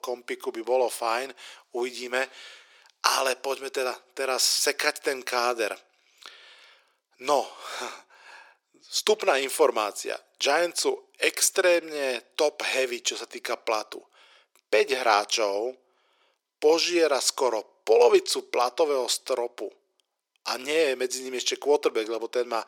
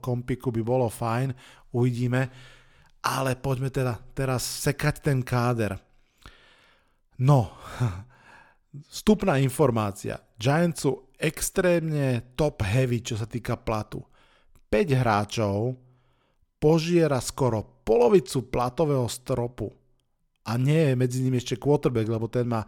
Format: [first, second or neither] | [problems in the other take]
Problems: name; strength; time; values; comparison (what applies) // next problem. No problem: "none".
second | thin; very; fading below 350 Hz